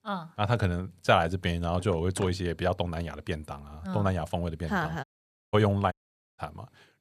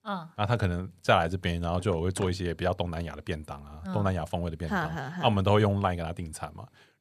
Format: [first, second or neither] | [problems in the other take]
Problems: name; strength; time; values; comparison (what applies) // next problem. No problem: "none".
second | audio cutting out; at 5 s and at 6 s